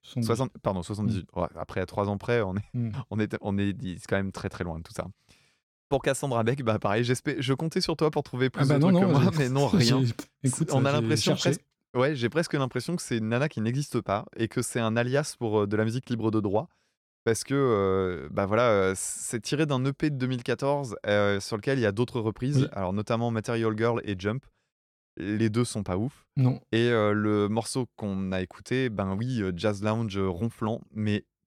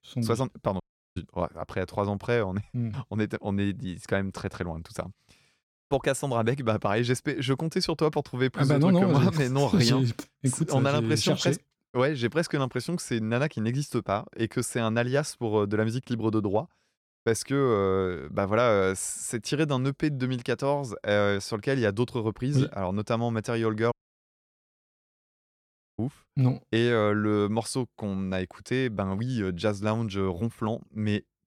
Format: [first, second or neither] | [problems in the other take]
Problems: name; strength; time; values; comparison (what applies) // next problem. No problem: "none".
first | audio cutting out; at 1 s and at 24 s for 2 s